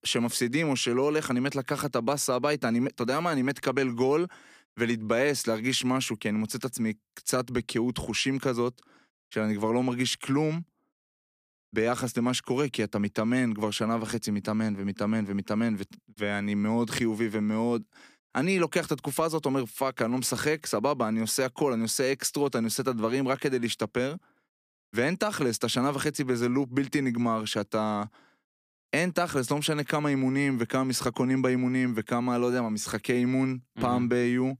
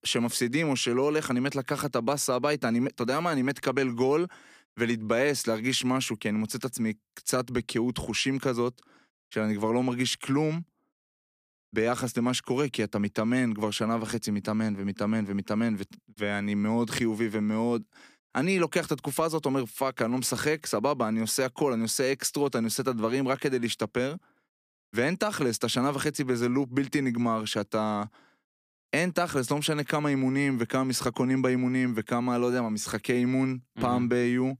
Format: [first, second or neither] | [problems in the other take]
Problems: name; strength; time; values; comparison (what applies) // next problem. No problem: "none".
neither | none